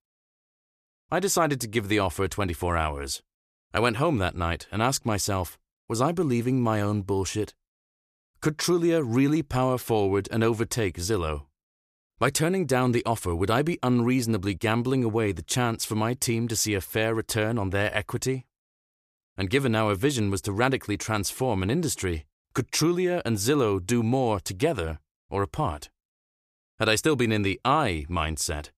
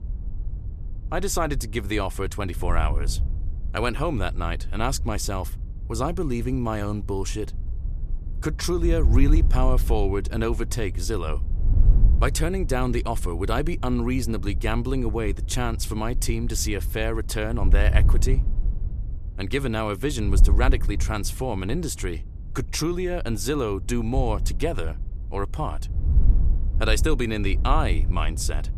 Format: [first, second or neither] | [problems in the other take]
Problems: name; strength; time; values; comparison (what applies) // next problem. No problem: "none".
first | wind noise on the microphone; occasional gusts; 15 dB below the speech